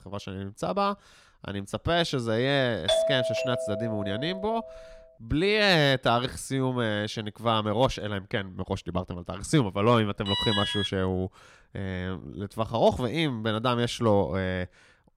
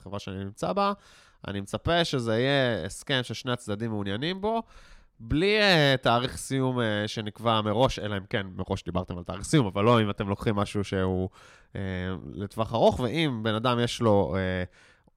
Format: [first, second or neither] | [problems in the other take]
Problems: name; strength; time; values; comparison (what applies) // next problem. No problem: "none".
second | doorbell; loud; from 3 to 4.5 s; peak 3 dB above the speech // alarm; loud; at 10 s; peak 1 dB above the speech